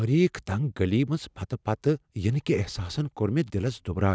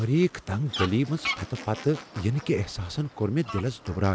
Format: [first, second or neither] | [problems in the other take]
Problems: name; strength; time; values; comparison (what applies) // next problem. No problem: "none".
first | background sound (Fowl); 12 dB below the speech